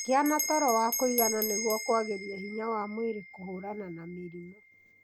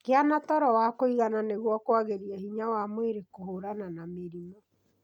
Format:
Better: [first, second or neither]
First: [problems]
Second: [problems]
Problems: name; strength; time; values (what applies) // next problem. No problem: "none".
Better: second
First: background sound (Bell); 6 dB below the speech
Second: none